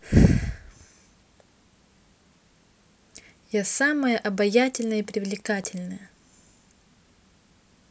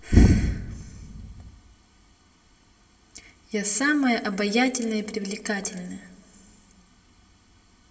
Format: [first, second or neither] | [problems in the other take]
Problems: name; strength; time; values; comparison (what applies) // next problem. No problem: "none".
first | room echo; dies away in 2 s